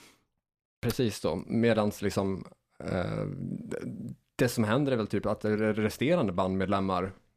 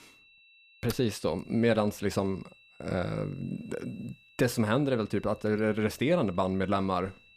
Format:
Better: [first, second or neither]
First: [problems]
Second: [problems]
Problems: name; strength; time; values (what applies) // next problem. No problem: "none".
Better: first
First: none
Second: high-pitched whine; faint; throughout; 2.5 kHz, 25 dB below the speech